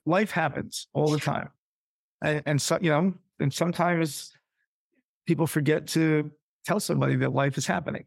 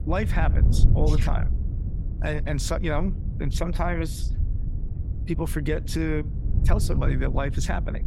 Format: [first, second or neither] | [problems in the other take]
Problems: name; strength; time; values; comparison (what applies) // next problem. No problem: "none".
first | wind noise on the microphone; occasional gusts; 10 dB below the speech